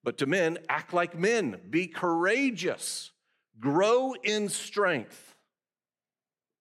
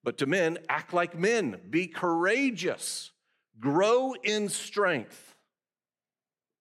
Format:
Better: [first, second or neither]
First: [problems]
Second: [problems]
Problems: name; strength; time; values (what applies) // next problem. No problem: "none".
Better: neither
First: none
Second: none